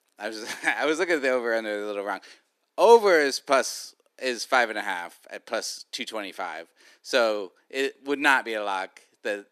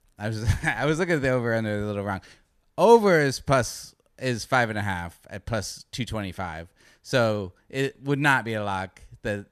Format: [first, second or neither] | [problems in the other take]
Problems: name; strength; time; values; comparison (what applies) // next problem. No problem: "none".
second | thin; somewhat; fading below 300 Hz